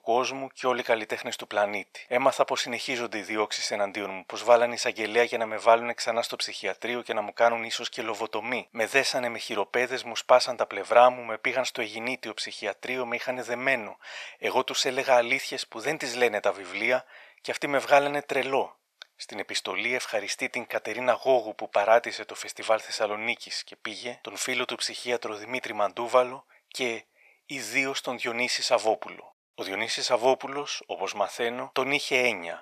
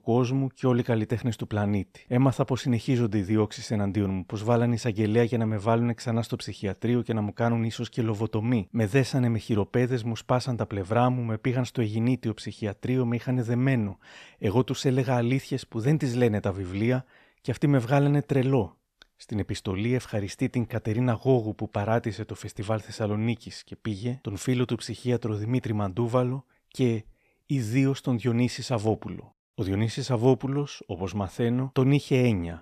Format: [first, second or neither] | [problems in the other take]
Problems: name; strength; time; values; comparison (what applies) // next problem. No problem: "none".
second | thin; very; fading below 800 Hz